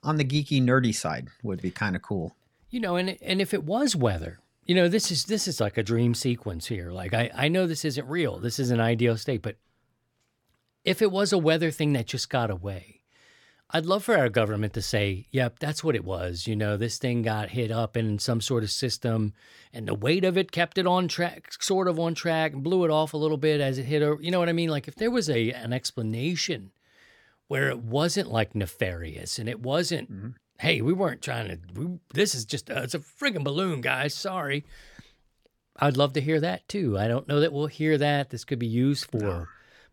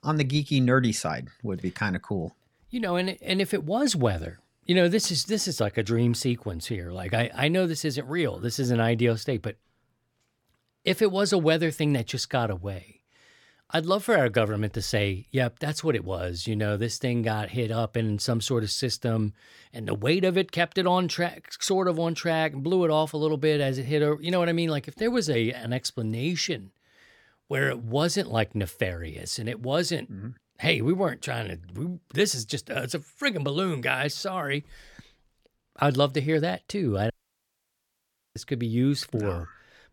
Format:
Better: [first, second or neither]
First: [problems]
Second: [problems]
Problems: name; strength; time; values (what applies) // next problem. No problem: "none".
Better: first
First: none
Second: audio cutting out; at 37 s for 1.5 s